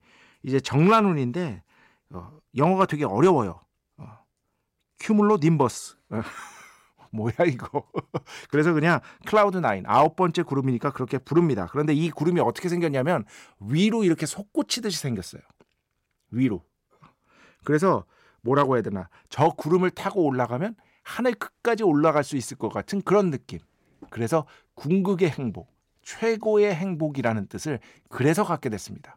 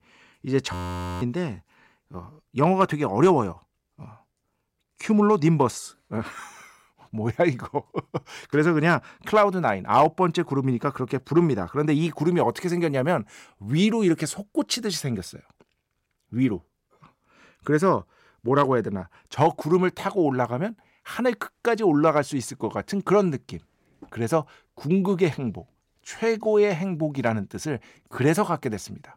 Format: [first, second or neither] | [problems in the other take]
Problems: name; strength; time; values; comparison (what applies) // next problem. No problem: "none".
first | audio freezing; at 0.5 s